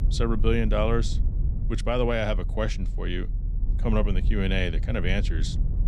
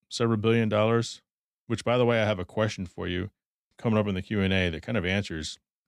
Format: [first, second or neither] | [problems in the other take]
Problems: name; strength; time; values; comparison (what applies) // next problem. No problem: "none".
second | low rumble; noticeable; throughout; 15 dB below the speech